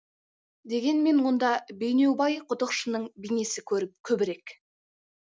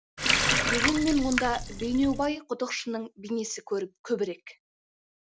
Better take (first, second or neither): first